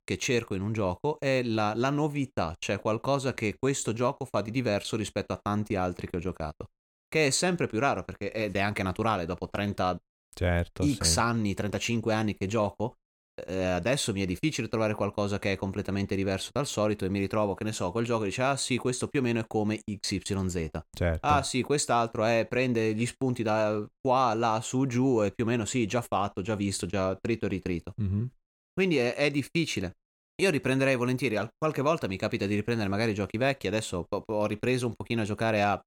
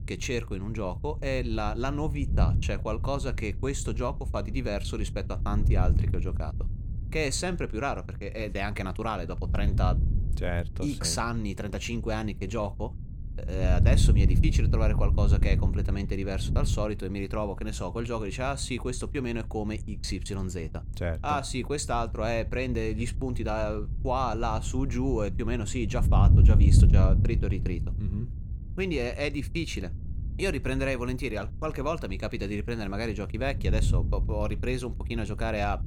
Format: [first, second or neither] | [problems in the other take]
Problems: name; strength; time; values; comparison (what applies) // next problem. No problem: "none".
first | wind noise on the microphone; occasional gusts; 10 dB below the speech